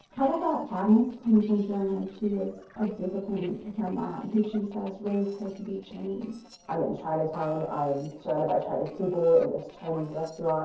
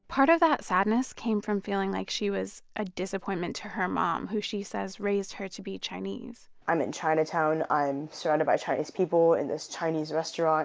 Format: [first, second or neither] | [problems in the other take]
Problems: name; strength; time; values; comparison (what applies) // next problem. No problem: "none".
second | noise reduction (neural separator model SepFormer DNS4)